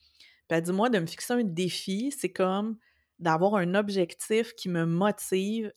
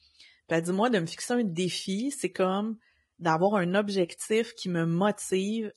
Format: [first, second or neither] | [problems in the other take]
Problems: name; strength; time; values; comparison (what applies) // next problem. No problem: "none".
first | garbled, watery; badly; nothing above 11 kHz